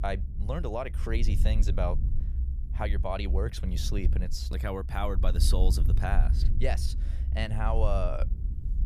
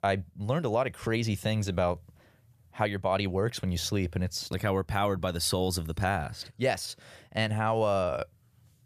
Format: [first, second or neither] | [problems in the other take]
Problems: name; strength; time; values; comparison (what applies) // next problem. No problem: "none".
second | low rumble; noticeable; throughout; 15 dB below the speech